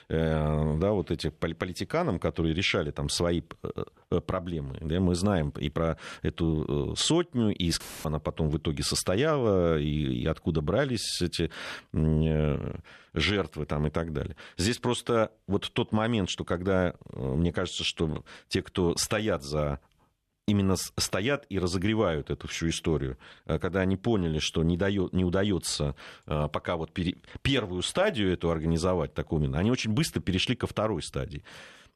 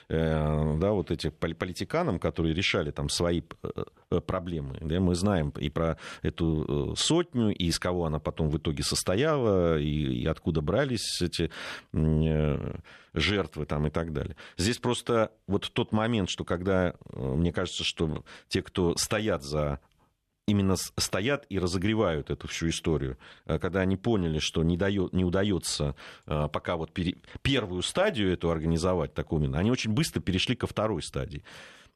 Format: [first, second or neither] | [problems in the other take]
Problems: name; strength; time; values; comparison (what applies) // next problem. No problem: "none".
second | audio cutting out; filled with static; at 8 s